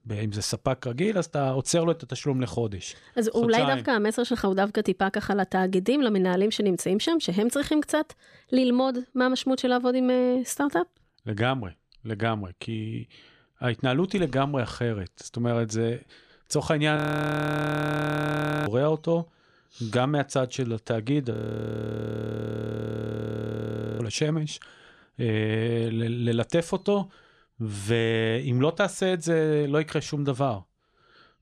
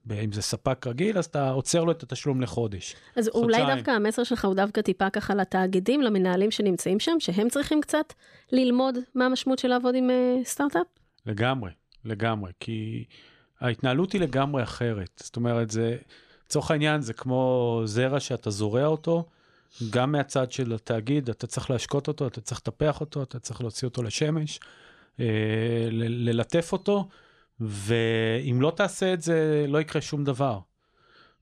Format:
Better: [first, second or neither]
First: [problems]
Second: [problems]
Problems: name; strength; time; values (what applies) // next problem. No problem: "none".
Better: second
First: audio freezing; at 17 s for 1.5 s and at 21 s for 2.5 s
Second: none